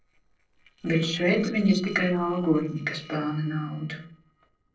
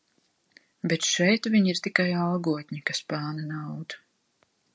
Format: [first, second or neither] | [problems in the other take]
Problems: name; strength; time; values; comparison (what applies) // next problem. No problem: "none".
second | noise reduction (neural separator model SepFormer DNS4)